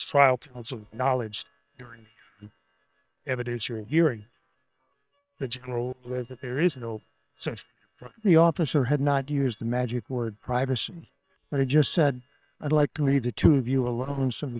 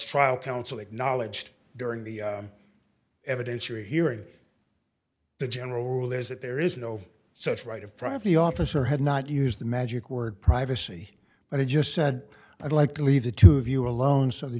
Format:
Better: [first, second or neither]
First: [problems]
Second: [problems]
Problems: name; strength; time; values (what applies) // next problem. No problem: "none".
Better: second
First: noise reduction (neural separator model SepFormer WHAM!)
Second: none